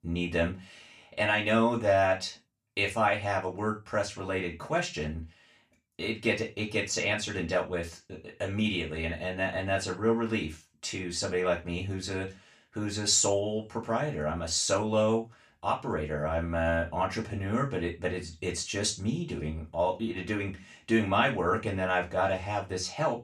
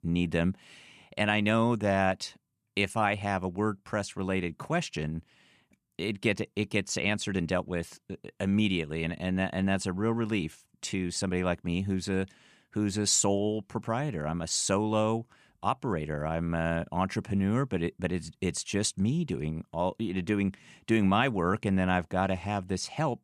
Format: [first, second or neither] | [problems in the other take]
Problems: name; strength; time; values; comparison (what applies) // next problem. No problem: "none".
second | room echo; very slight; dies away in 0.3 s // off-mic speech; far